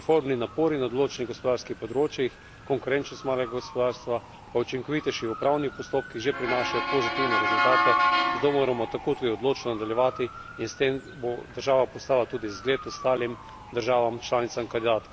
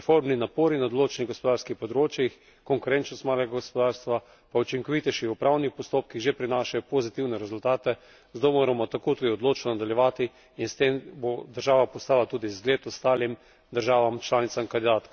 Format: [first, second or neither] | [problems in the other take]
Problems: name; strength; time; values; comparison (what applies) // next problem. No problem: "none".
second | background sound (Motor vehicle (road) / Siren); 5 dB below the speech